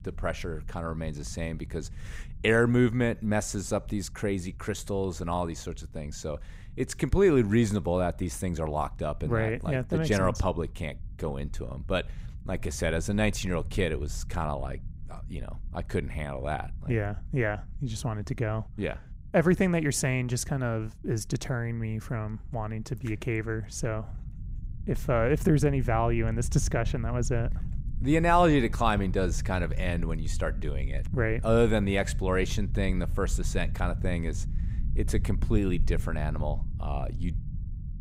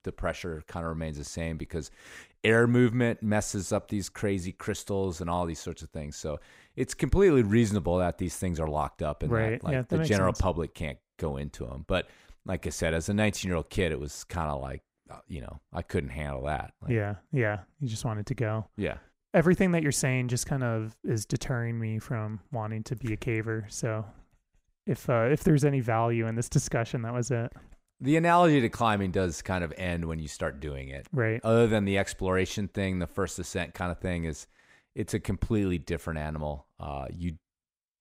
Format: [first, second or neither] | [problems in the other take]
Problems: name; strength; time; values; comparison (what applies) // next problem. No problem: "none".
second | low rumble; faint; throughout; 25 dB below the speech